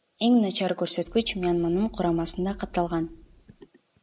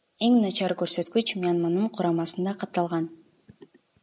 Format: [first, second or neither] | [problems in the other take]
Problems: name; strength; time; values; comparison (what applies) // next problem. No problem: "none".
second | background sound (Boom); 19 dB below the speech